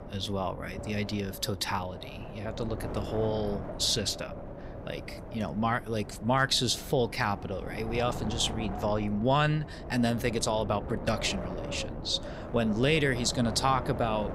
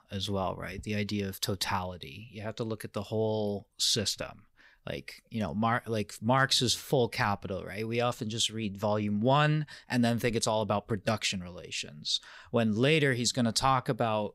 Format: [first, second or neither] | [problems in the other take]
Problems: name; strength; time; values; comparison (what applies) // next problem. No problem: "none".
second | wind noise on the microphone; occasional gusts; 10 dB below the speech